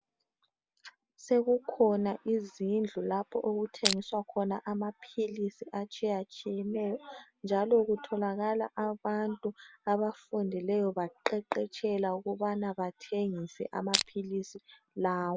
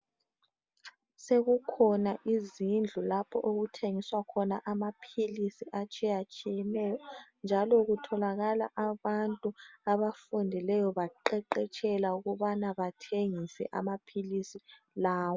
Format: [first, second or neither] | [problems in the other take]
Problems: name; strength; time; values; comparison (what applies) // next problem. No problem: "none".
second | background sound (Crushing); 1 dB above the speech